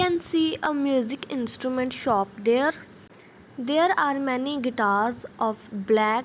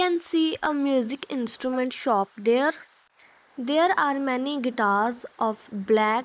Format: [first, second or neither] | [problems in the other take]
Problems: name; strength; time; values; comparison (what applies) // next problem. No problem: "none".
first | noise reduction (neural mask model Resemble Enhance denoiser)